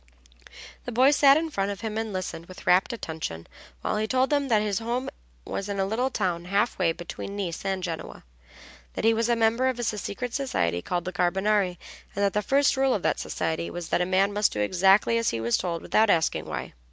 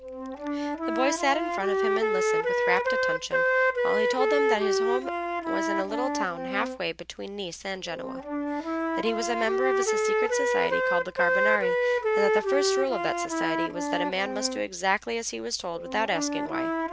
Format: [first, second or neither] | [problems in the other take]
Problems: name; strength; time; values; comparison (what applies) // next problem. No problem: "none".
first | background sound (Wind instrument, woodwind instrument); 4 dB above the speech